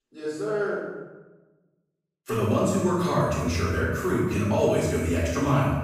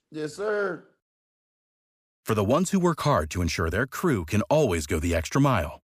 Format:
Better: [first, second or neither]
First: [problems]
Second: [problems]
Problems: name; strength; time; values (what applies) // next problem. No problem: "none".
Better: second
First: off-mic speech; far // room echo; strong; dies away in 1 s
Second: none